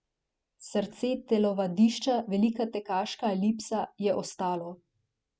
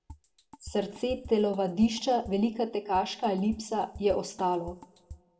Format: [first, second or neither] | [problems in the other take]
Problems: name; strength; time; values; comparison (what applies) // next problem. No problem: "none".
first | background sound (Drum kit); 19 dB below the speech // room echo; dies away in 0.5 s